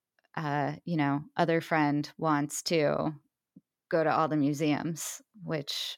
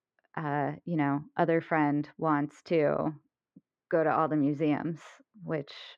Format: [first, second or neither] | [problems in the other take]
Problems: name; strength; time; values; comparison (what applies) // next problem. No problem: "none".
first | muffled; very; fading above 2 kHz